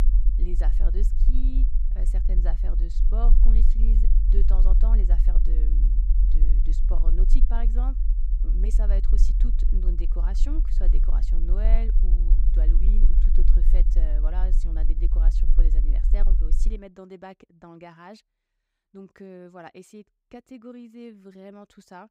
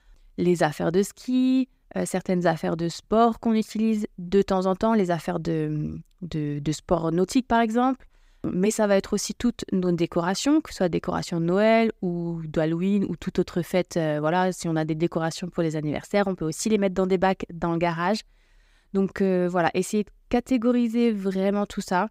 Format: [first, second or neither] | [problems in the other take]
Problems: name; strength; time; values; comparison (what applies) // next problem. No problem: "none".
second | low rumble; loud; until 17 s; 5 dB below the speech